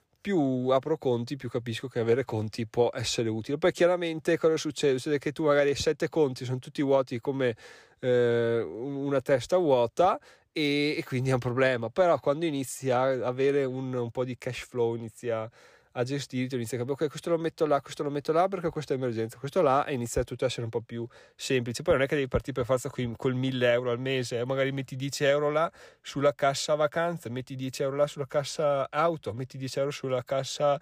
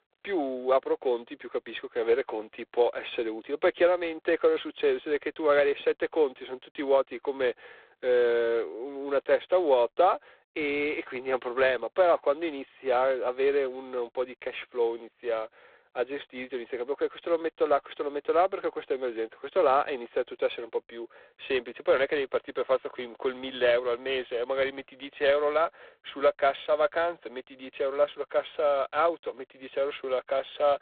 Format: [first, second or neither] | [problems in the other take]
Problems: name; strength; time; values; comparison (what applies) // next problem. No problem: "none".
first | phone-call audio; poor line; nothing above 3.5 kHz